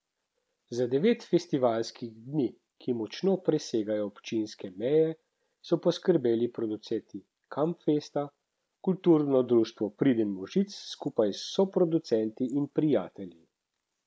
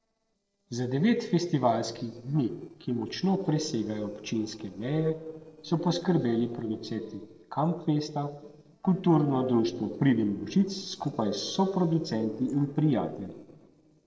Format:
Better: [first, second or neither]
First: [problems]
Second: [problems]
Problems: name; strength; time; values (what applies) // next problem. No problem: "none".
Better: first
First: none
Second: noise reduction (neural separator model SepFormer DNS4)